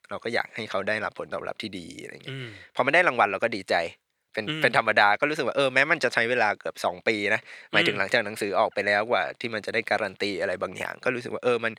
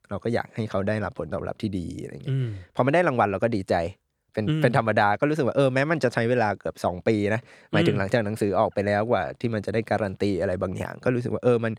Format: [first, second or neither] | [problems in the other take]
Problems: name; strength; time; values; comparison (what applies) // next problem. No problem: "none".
second | thin; somewhat; fading below 800 Hz